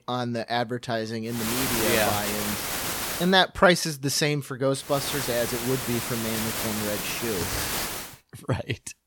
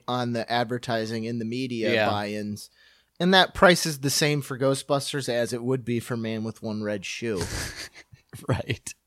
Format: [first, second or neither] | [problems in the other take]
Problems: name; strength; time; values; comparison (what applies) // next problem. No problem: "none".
second | hiss; loud; from 1.5 to 3 s and from 5 to 8 s; 2 dB below the speech